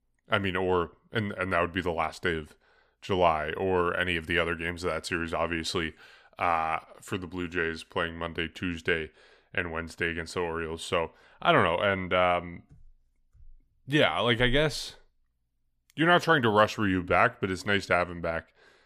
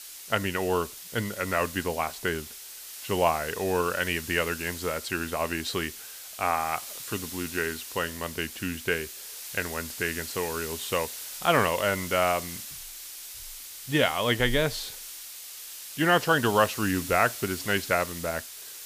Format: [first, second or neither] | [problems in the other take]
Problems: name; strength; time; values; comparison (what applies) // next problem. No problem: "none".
first | hiss; loud; throughout; 9 dB below the speech